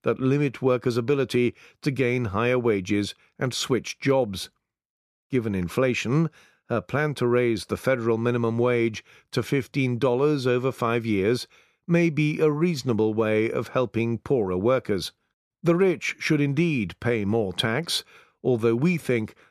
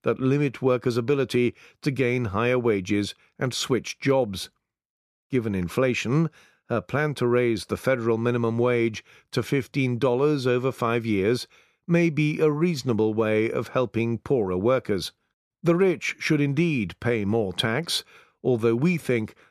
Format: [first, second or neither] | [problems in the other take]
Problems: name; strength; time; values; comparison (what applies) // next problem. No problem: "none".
neither | none